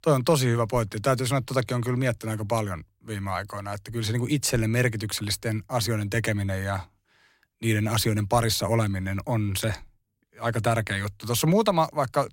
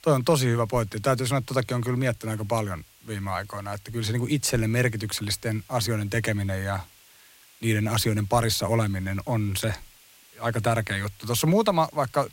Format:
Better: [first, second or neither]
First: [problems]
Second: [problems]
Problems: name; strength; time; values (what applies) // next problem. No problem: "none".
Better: first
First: none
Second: hiss; faint; throughout; 25 dB below the speech